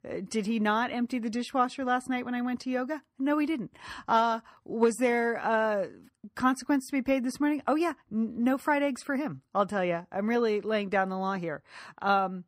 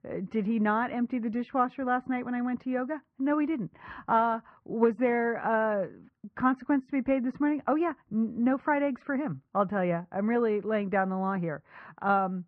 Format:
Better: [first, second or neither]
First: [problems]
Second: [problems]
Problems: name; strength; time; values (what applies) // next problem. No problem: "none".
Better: first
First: none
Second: muffled; very; fading above 2 kHz